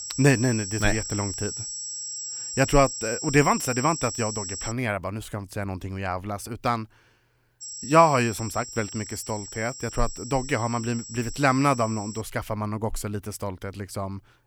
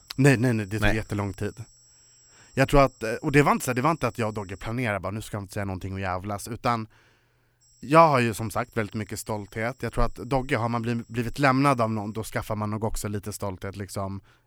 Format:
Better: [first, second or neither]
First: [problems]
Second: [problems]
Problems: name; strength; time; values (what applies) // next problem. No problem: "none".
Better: second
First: high-pitched whine; loud; until 4.5 s and from 7.5 to 12 s; 7.5 kHz, 7 dB below the speech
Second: high-pitched whine; faint; until 4.5 s and from 7.5 to 12 s; 7.5 kHz, 30 dB below the speech